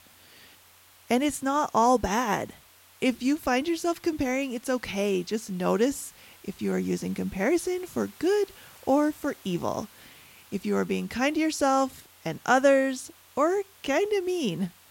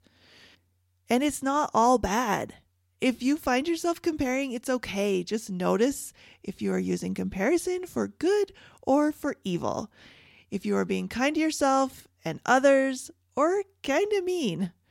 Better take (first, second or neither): second